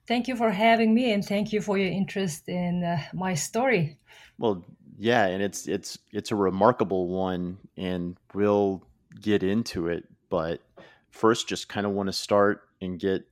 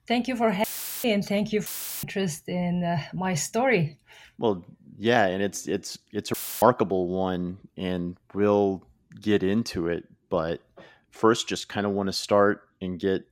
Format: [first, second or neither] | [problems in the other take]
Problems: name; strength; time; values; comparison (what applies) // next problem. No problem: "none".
first | audio cutting out; filled with static; at 0.5 s, at 1.5 s and at 6.5 s